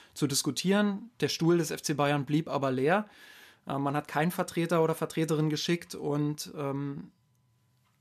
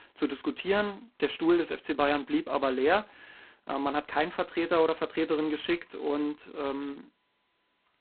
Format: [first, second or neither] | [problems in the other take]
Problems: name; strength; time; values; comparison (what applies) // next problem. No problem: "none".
first | phone-call audio; poor line; nothing above 4 kHz